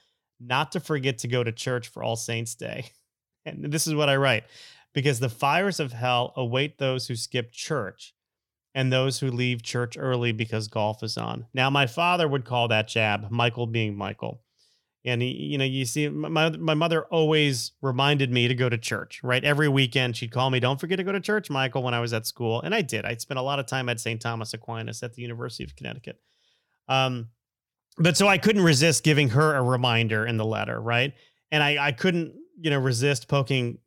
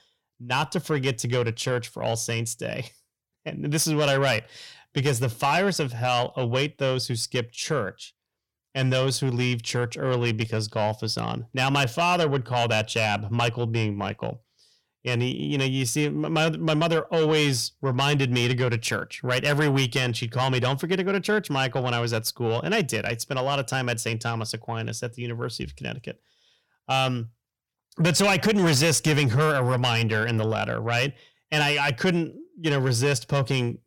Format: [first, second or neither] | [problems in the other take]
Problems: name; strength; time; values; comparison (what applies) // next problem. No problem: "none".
first | distortion; slight; 10 dB below the speech